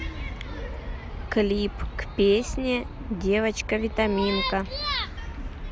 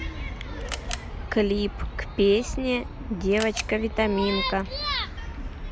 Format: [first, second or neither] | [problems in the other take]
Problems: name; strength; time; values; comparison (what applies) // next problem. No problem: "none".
first | background sound (Camera); 18 dB below the speech